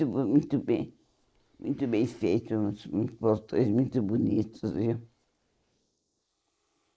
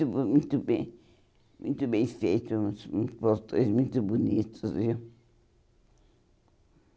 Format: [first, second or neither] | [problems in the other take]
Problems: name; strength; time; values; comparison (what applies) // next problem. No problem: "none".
second | noise reduction (neural mask model Resemble Enhance denoiser)